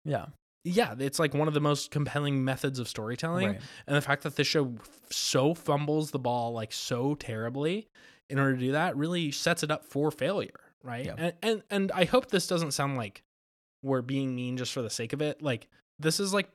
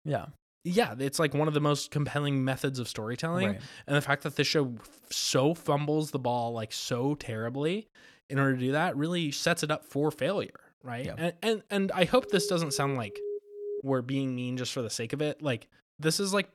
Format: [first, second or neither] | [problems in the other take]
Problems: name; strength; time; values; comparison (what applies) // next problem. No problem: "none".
first | alarm; noticeable; from 12 to 14 s; peak 8 dB below the speech